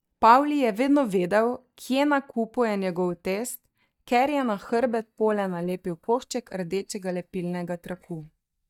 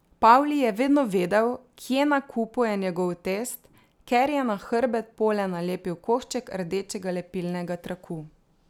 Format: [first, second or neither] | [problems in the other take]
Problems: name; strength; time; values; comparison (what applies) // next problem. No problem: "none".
second | noise reduction (neural mask model DeepFilterNet 3)